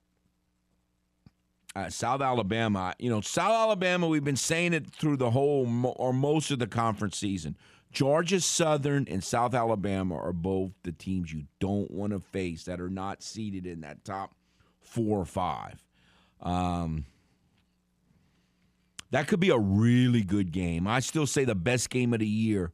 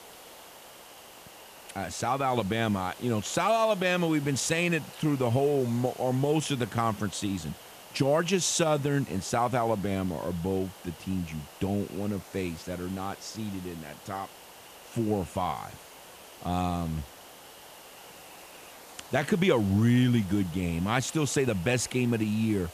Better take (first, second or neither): first